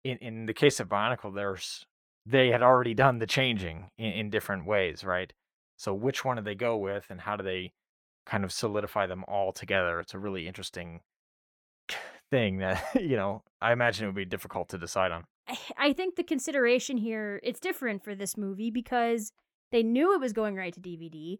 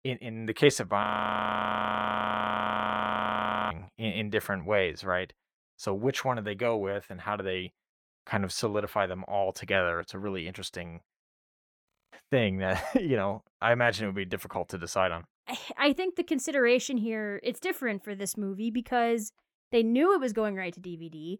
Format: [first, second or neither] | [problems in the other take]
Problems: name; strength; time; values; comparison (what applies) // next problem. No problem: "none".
first | audio freezing; at 1 s for 2.5 s and at 12 s